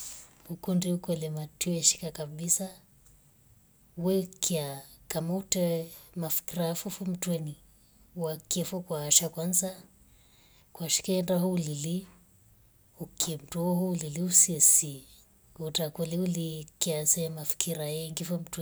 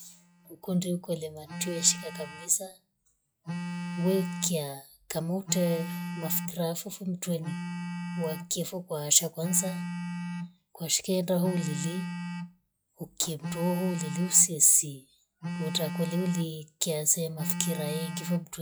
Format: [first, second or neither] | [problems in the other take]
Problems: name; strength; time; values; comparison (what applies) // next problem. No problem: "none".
first | noise reduction (classical method log-MMSE)